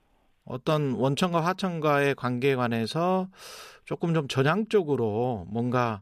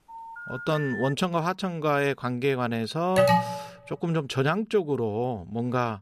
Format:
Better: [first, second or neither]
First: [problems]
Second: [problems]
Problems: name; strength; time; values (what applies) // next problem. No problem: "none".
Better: first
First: none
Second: phone ringing; noticeable; until 1 s; peak 7 dB below the speech // alarm; loud; at 3 s; peak 6 dB above the speech